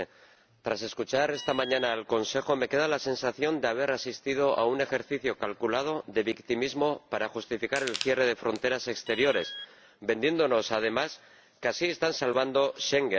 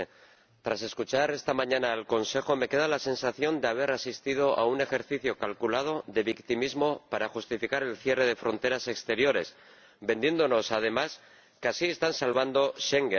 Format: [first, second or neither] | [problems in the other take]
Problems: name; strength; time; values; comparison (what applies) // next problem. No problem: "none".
second | background sound (Alarm + Crushing); 13 dB below the speech